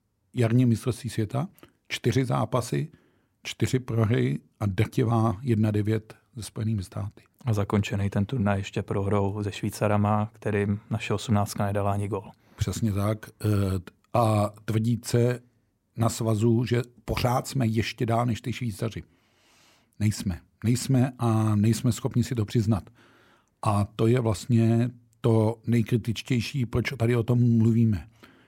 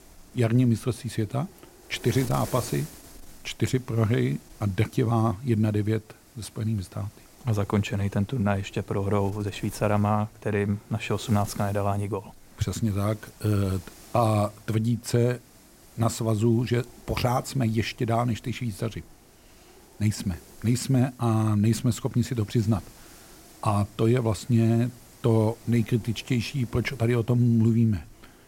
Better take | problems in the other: first | wind noise on the microphone; occasional gusts; 20 dB below the speech

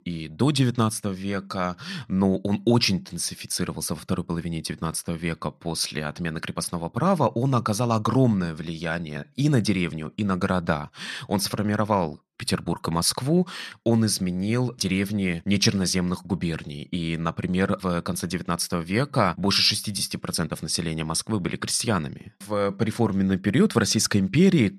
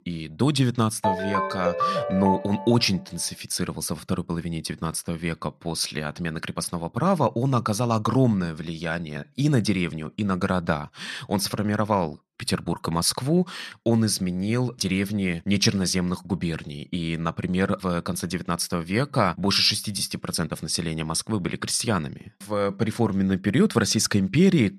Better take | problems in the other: first | phone ringing; loud; from 1 to 2.5 s; peak level with the speech

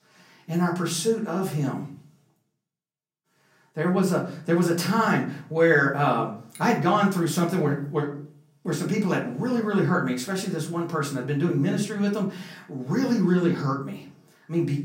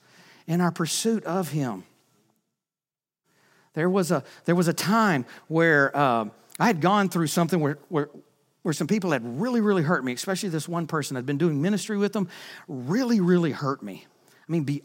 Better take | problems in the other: second | off-mic speech; far // room echo; slight; dies away in 0.5 s

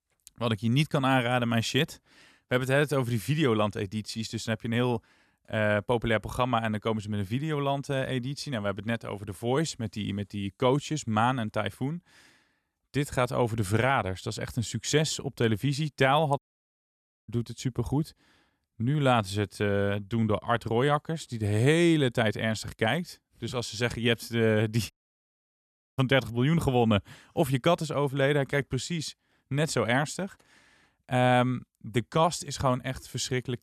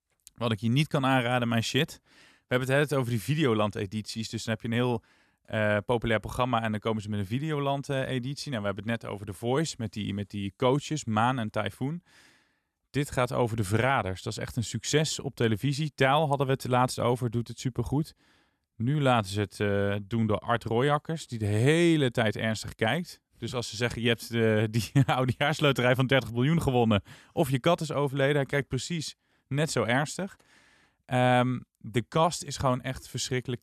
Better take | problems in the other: second | audio cutting out; at 16 s for 1 s and at 25 s for 1 s

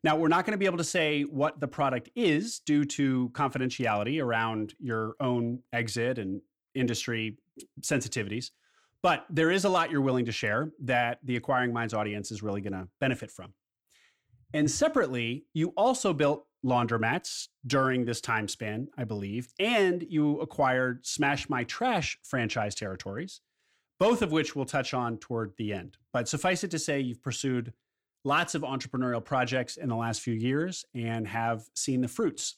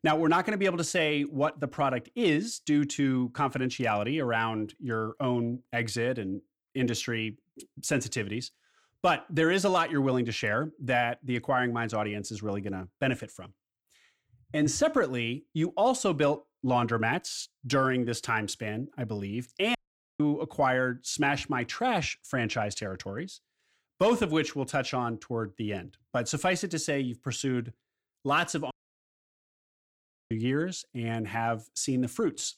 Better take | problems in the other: first | audio cutting out; at 20 s and at 29 s for 1.5 s

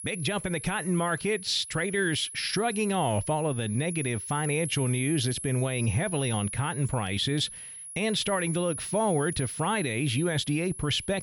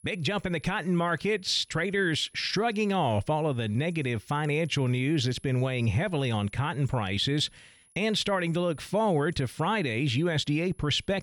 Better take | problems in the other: second | high-pitched whine; loud; throughout; 10.5 kHz, 8 dB below the speech; faint in the second

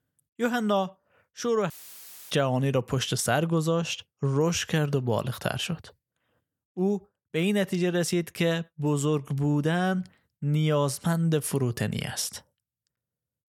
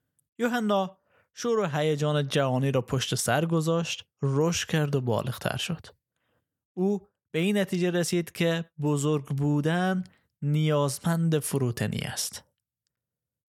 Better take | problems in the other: second | audio cutting out; filled with static; at 1.5 s for 0.5 s

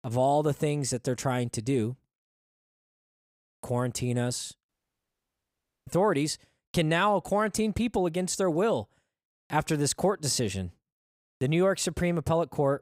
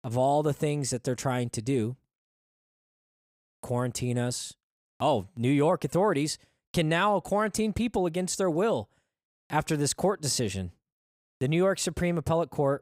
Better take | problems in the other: second | audio cutting out; at 4.5 s for 1 s

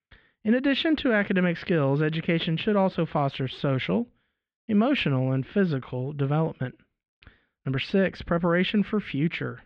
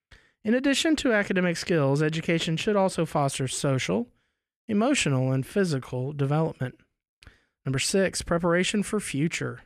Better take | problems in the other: second | muffled; very; fading above 3.5 kHz

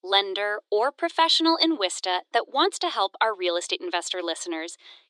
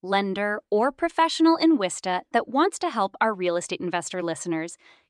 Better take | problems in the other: second | thin; very; fading below 350 Hz

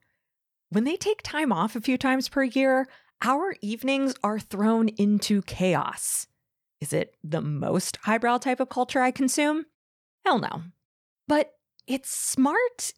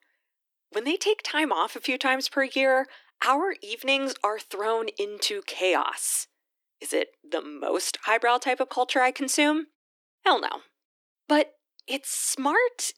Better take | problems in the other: first | thin; somewhat; fading below 300 Hz

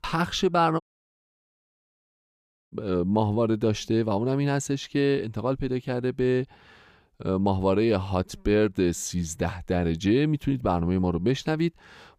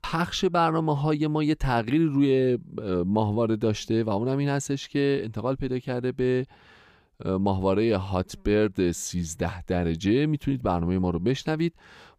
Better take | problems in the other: second | audio cutting out; at 1 s for 2 s

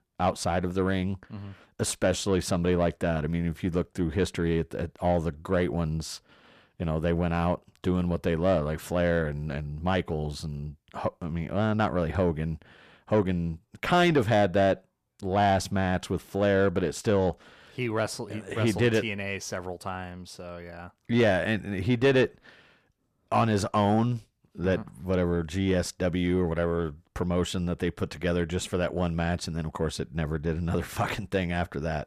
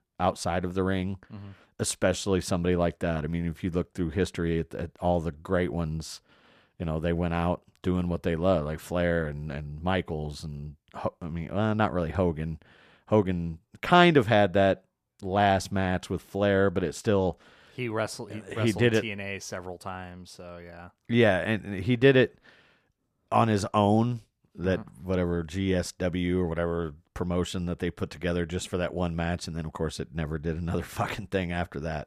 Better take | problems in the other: second | distortion; slight; 10 dB below the speech

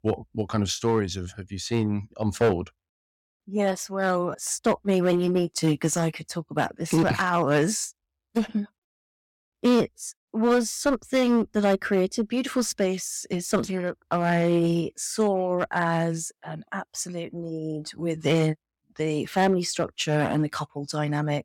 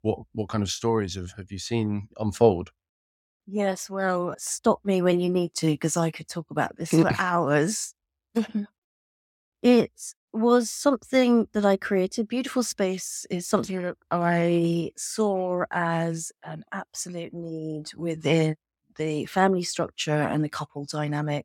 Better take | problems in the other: second | distortion; slight; 4% of the sound clipped

